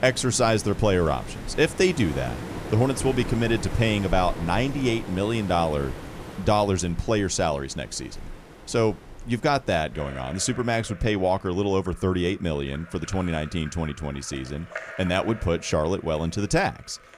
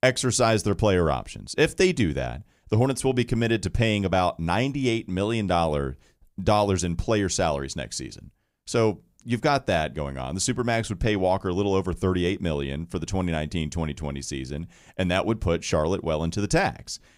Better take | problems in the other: second | rain or running water; noticeable; throughout; 15 dB below the speech

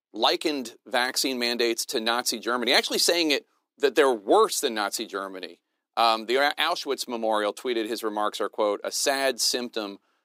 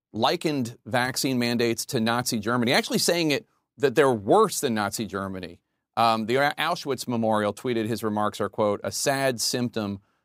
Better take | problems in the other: second | thin; somewhat; fading below 300 Hz

